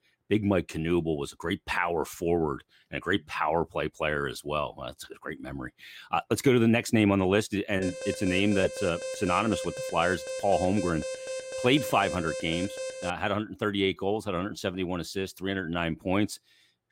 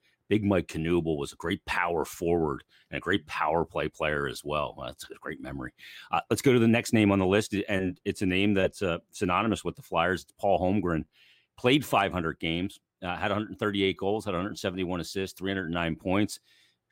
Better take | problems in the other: second | alarm; noticeable; from 8 to 13 s; peak 7 dB below the speech

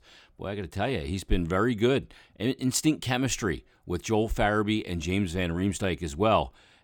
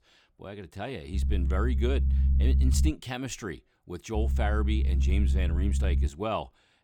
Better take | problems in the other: first | low rumble; loud; from 1 to 3 s and from 4 to 6 s; 9 dB below the speech

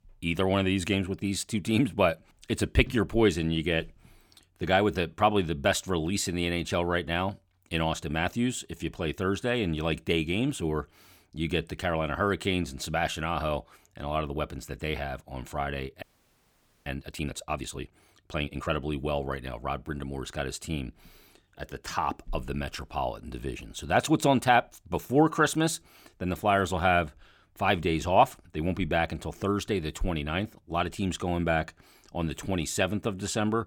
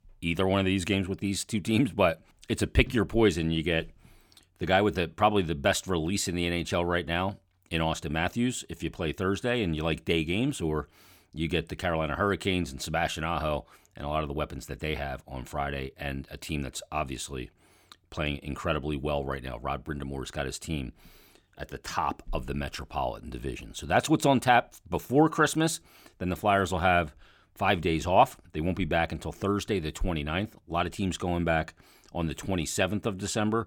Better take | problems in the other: second | audio freezing; at 16 s for 1 s

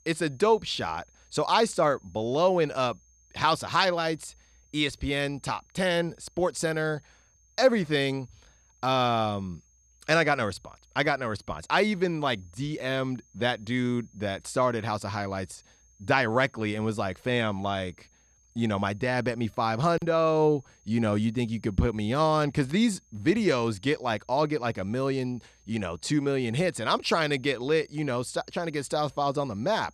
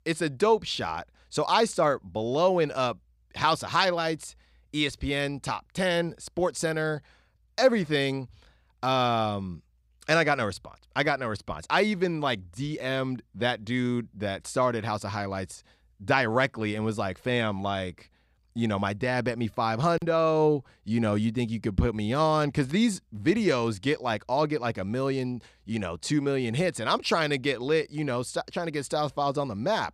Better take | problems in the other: second | high-pitched whine; faint; throughout; 6.5 kHz, 35 dB below the speech

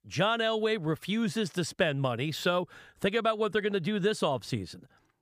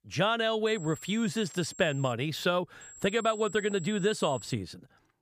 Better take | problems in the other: first | high-pitched whine; noticeable; from 0.5 to 2 s and from 3 to 4.5 s; 7.5 kHz, 15 dB below the speech

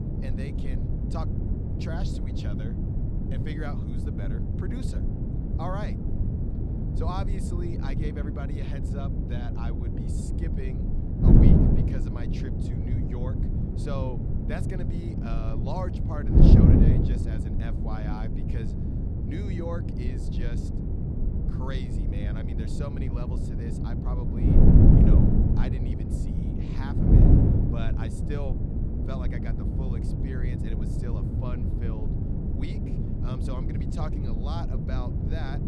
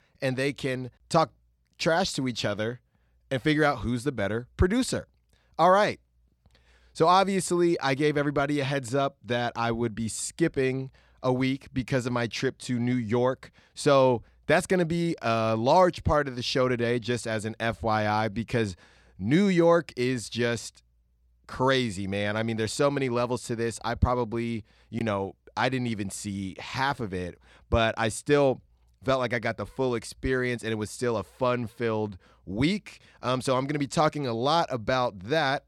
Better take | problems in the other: second | wind noise on the microphone; heavy; 5 dB above the speech

